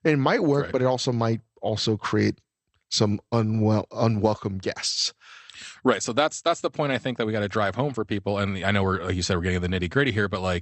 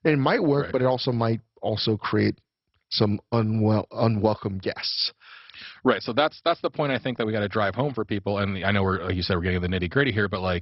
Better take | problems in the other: first | garbled, watery; badly; nothing above 5.5 kHz; slightly in the first

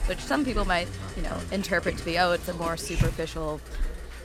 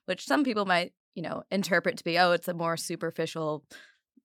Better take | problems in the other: second | hiss; loud; throughout; 7 dB below the speech

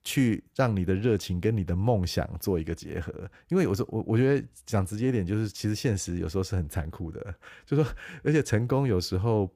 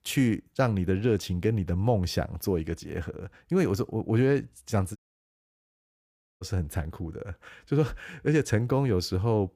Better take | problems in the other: first | audio cutting out; at 5 s for 1.5 s

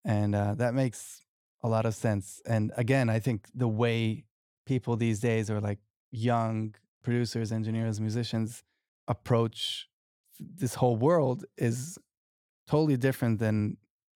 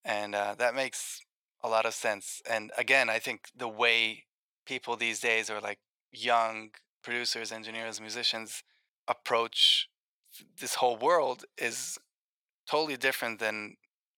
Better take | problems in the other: first | thin; very; fading below 800 Hz

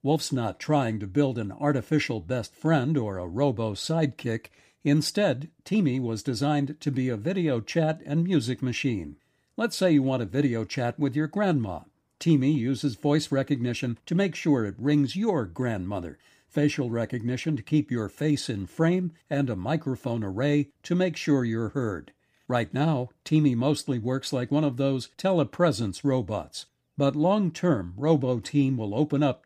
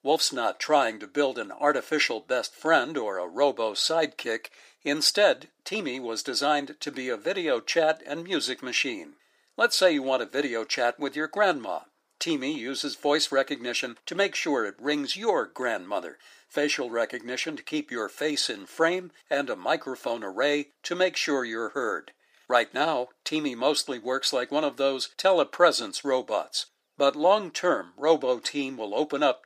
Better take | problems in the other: first | thin; very; fading below 450 Hz

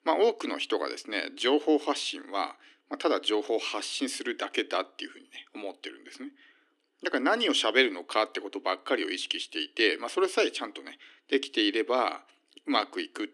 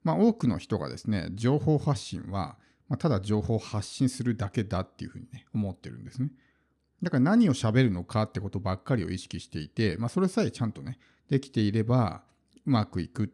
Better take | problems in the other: second | thin; very; fading below 300 Hz

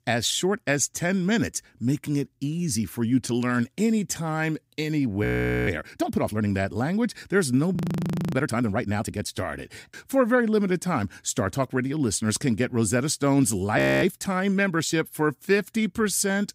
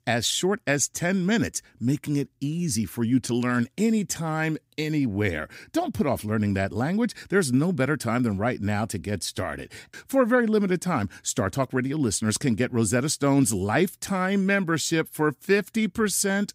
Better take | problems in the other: second | audio freezing; at 5 s, at 8 s for 0.5 s and at 14 s

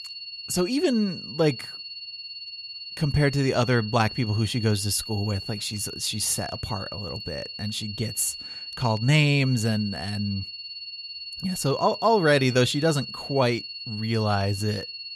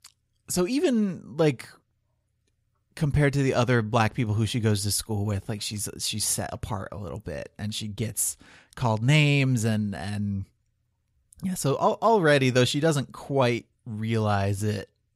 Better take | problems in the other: second | high-pitched whine; loud; throughout; 4.5 kHz, 10 dB below the speech

